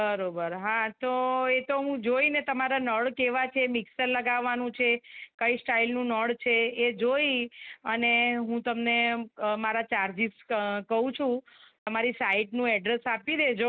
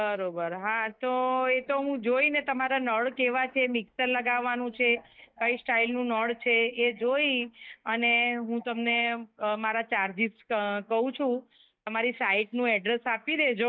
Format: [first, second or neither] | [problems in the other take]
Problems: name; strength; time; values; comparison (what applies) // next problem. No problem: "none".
first | noise reduction (neural mask model DeepFilterNet 3)